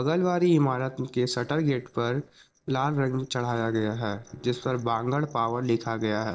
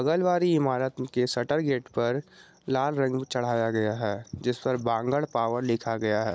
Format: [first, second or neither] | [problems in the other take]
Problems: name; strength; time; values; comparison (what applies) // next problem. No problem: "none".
second | noise reduction (neural separator model SepFormer DNS4)